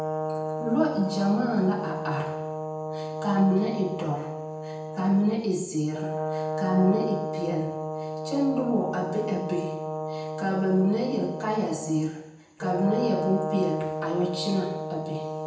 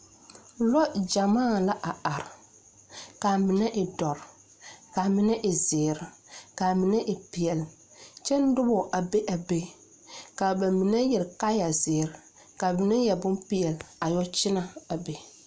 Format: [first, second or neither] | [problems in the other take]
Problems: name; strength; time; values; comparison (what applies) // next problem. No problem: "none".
second | background sound (Brass instrument); 5 dB below the speech // room echo; dies away in 0.9 s